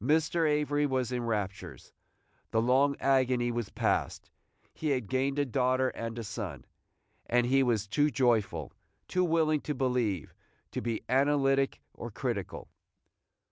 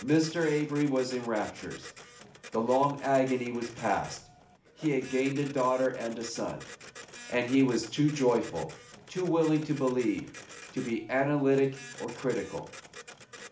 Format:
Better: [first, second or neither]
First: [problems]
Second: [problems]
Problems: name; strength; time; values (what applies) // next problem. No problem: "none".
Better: first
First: none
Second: background sound (Printer); 18 dB below the speech // room echo; dies away in 0.4 s